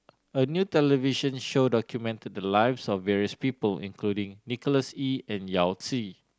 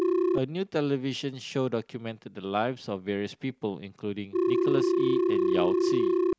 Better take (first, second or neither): first